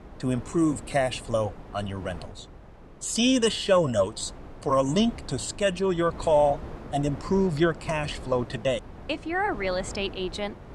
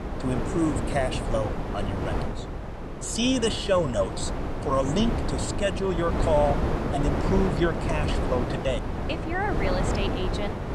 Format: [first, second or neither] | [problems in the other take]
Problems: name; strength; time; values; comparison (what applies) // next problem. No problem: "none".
first | wind noise on the microphone; heavy; 4 dB below the speech; occasional gusts in the first